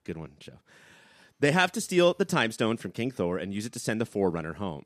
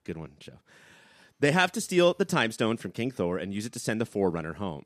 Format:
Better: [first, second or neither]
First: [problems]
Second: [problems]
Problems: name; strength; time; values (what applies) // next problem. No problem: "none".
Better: neither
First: none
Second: none